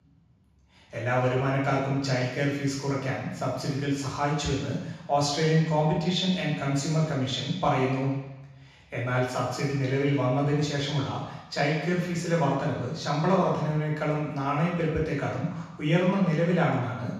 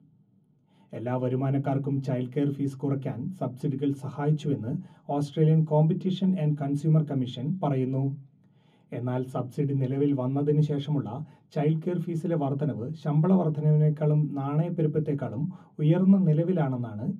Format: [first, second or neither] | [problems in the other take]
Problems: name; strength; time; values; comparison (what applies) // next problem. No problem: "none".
second | room echo; strong; dies away in 1.1 s; slight in the second // off-mic speech; far; far in the second